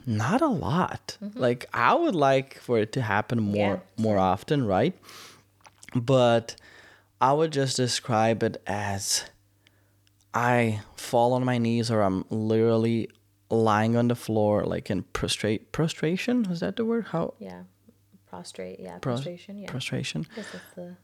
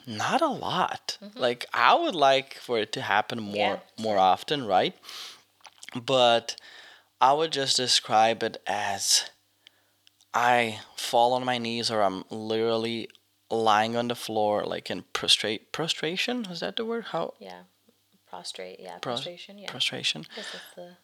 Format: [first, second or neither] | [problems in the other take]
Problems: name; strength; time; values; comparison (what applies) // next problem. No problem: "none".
first | thin; somewhat; fading below 650 Hz